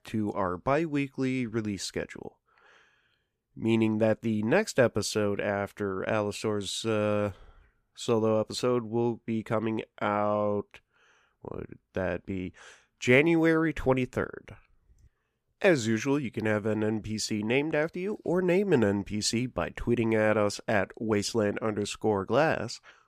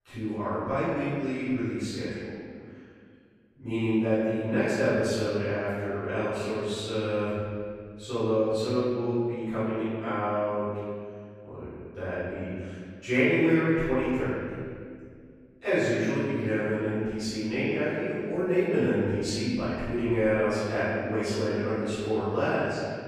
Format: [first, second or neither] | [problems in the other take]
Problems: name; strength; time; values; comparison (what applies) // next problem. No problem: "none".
first | off-mic speech; far // room echo; strong; dies away in 2 s